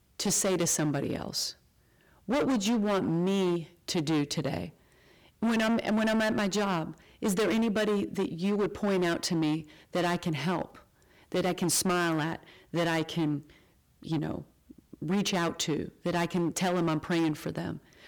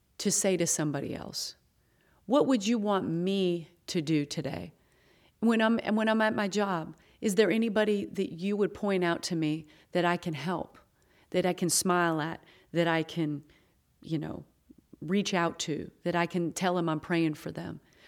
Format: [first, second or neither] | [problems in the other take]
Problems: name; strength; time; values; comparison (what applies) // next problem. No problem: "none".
second | distortion; heavy; 16% of the sound clipped